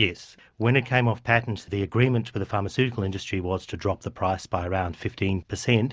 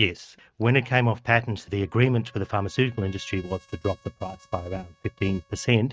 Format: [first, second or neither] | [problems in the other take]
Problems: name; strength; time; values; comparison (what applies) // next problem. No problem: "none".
first | noise reduction (neural mask model RNNoise)